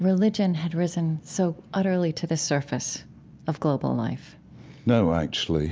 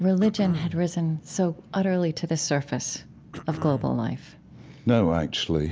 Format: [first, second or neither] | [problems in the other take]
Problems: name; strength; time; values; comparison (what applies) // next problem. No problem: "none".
first | background sound (Cough); 15 dB below the speech